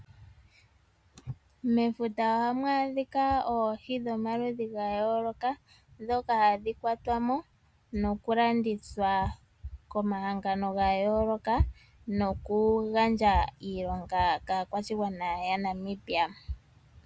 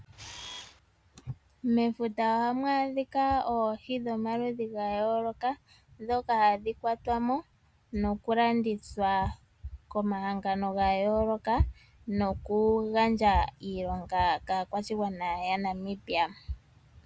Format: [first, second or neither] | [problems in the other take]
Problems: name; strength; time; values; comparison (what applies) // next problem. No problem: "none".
first | background sound (Camera); 15 dB below the speech